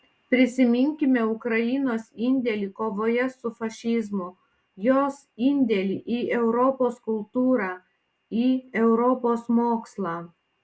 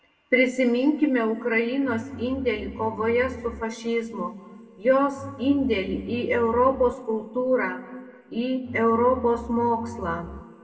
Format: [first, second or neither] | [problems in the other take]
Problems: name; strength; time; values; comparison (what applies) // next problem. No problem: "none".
first | background sound (Bowed string instrument); 16 dB below the speech // room echo; dies away in 1.4 s